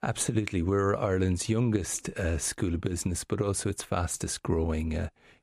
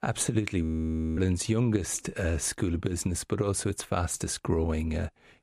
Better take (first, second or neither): first